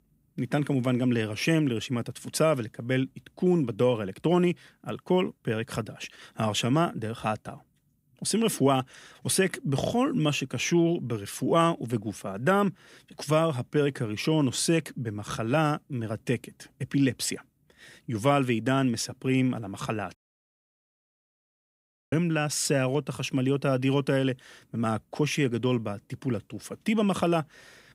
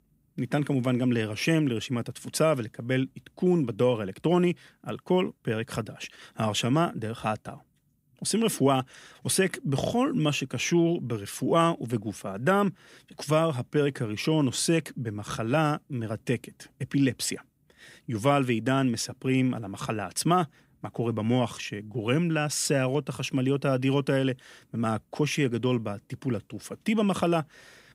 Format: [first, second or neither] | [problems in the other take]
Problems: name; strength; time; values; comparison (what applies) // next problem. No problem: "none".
second | audio cutting out; at 20 s for 2 s